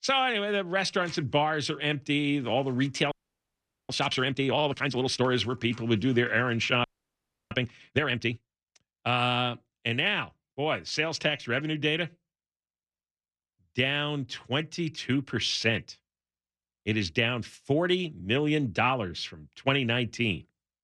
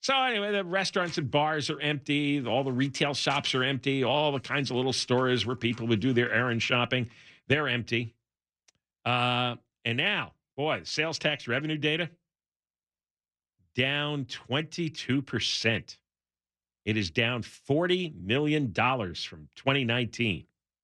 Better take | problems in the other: second | audio freezing; at 3 s for 1 s and at 7 s for 0.5 s

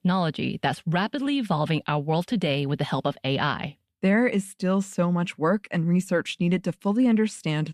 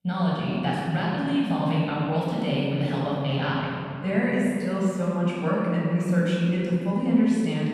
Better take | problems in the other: first | off-mic speech; far // room echo; strong; dies away in 2.4 s

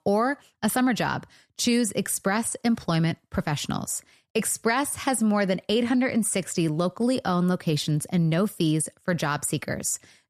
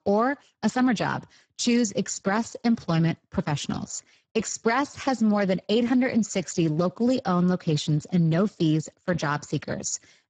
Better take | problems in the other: first | garbled, watery; badly; nothing above 7.5 kHz

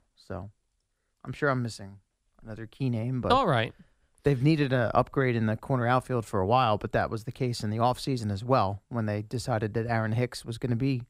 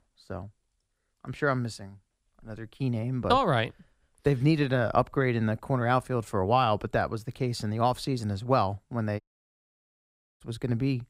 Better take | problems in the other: first | audio cutting out; at 9 s for 1 s

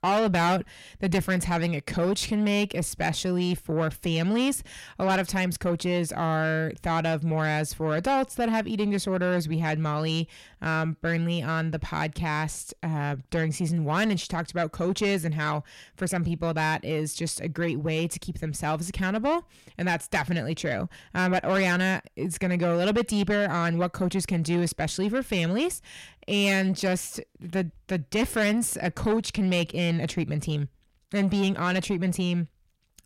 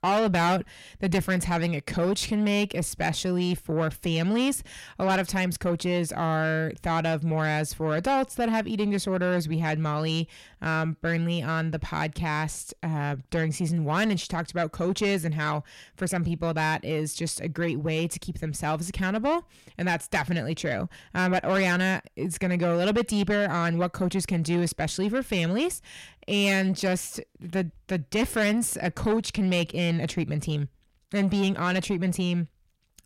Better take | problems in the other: neither | distortion; slight; 10 dB below the speech; the same in both

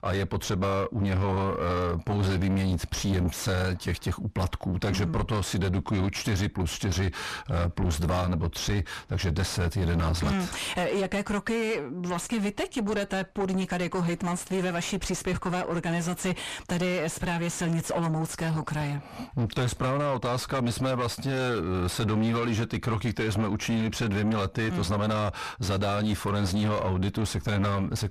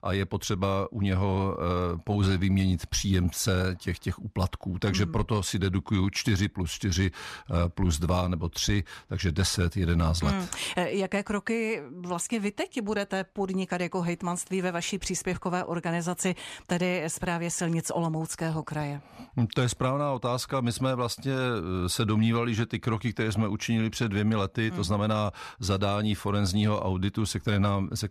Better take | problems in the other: second | distortion; heavy; 5 dB below the speech

